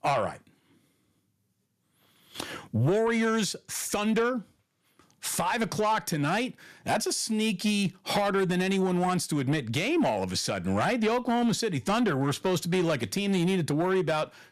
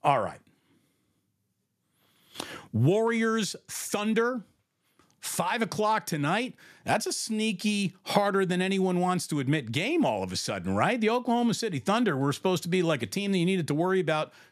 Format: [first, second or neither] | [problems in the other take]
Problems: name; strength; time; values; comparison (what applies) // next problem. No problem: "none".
second | distortion; slight; 10 dB below the speech